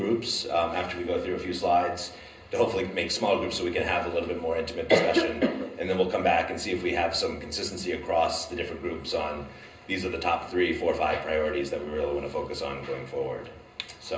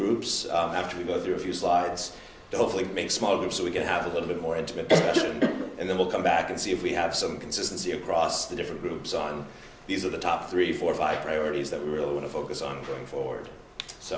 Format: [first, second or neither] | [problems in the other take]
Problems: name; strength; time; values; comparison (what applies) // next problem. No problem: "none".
second | room echo; dies away in 0.2 s